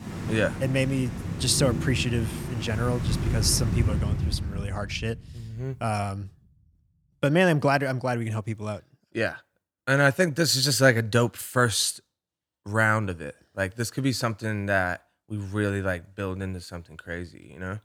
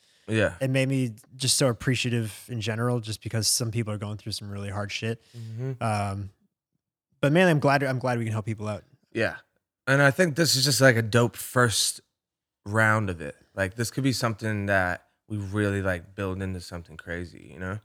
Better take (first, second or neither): second